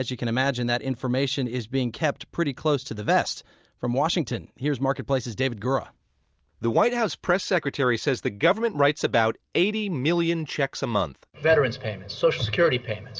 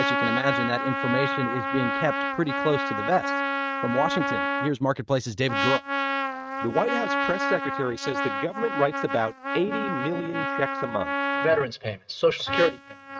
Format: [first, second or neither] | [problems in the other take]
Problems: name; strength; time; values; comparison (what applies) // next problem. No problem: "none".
first | noise reduction (neural mask model RNNoise)